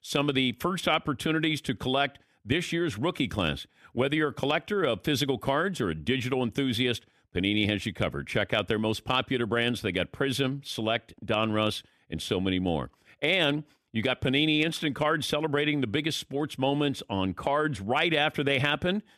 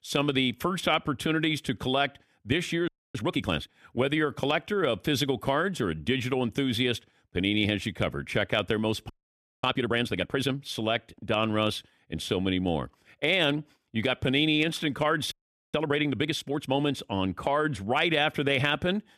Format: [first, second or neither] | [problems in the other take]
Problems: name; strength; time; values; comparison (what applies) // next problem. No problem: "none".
first | audio freezing; at 3 s, at 9 s for 0.5 s and at 15 s